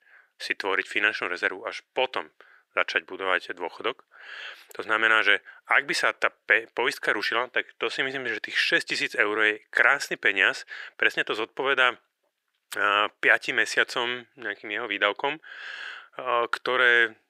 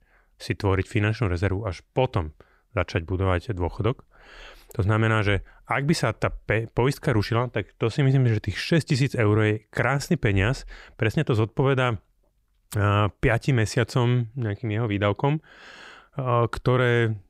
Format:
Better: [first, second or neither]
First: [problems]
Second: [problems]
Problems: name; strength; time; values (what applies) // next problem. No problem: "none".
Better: second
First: thin; very; fading below 400 Hz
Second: none